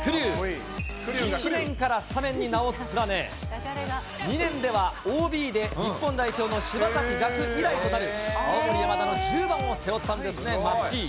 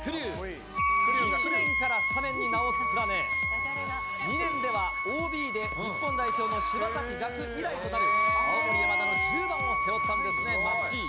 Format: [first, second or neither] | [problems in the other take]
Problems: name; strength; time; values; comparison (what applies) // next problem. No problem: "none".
first | background sound (Wind instrument, woodwind instrument); 5 dB above the speech